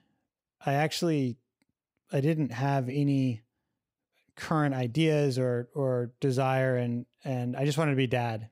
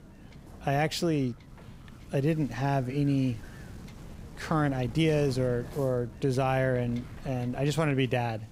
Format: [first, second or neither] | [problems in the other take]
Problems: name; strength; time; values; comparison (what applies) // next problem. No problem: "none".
first | wind noise on the microphone; occasional gusts; 20 dB below the speech